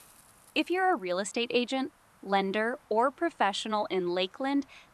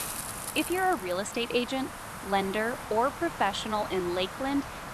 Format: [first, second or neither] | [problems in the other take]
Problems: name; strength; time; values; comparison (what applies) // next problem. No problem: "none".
first | hiss; loud; throughout; 8 dB below the speech; faint in the first